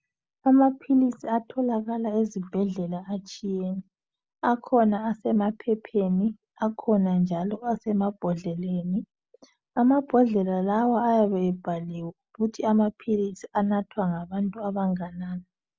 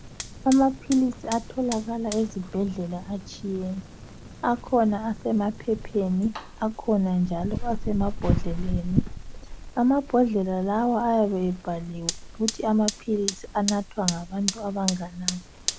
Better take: first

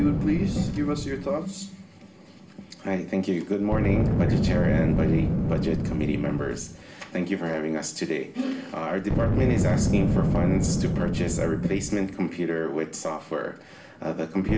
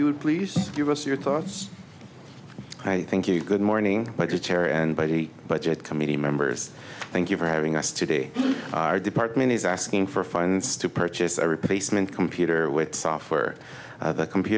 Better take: second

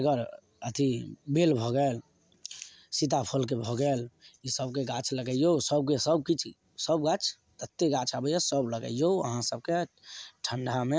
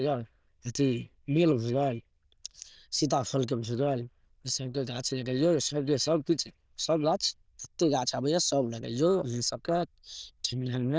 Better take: first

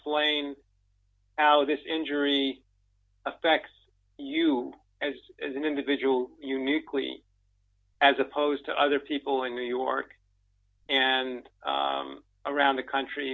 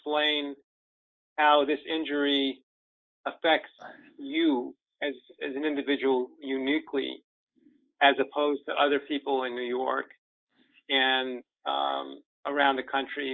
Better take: first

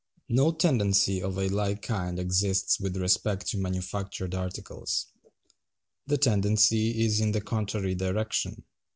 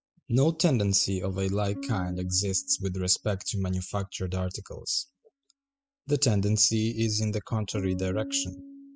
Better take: first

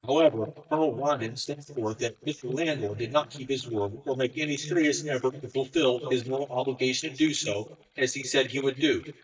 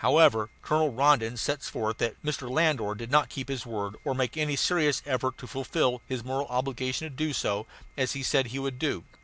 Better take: second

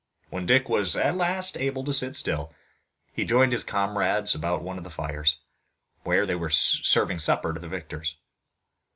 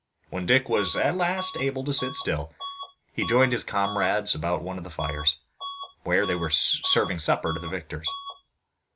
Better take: first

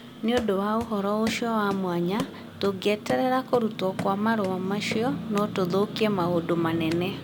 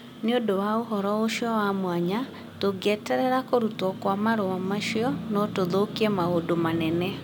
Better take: second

